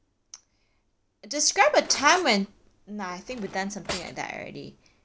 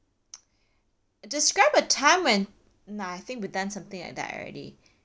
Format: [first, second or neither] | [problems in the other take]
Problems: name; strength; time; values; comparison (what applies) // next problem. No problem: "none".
second | background sound (Cutlery, silverware); 14 dB below the speech